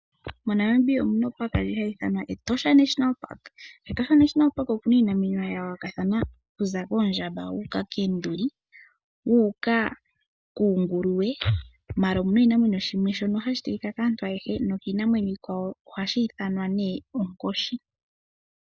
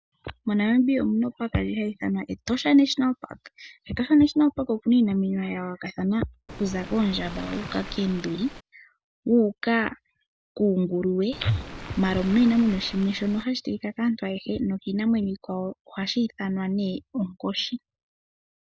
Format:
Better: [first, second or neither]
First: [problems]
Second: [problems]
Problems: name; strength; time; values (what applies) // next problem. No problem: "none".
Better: first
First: none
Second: background sound (Waves, surf); 13 dB below the speech